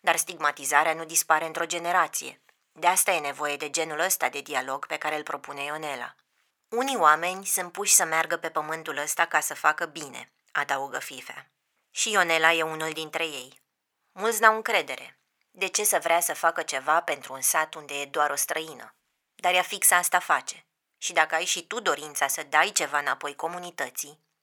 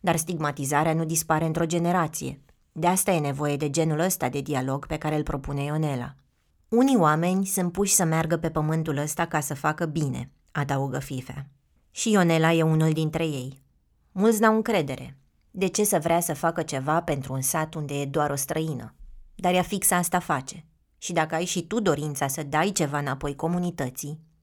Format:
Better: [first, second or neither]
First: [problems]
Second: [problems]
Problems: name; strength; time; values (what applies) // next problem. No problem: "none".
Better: second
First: thin; very; fading below 700 Hz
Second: none